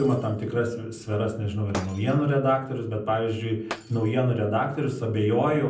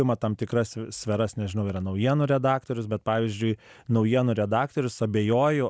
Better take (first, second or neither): second